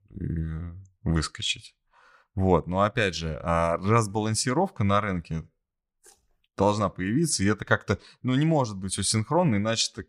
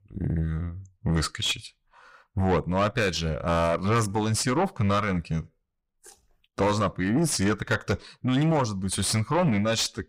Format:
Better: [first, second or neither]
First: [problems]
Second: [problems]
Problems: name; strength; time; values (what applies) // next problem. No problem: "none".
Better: first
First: none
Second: distortion; heavy; 7 dB below the speech